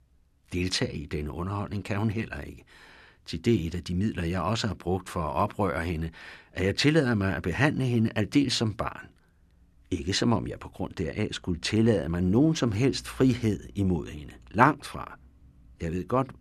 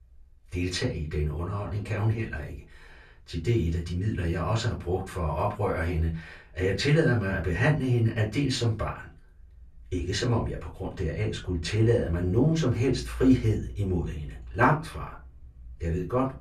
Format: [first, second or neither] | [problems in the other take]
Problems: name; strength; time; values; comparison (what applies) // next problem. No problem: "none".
first | off-mic speech; far // room echo; very slight; dies away in 0.2 s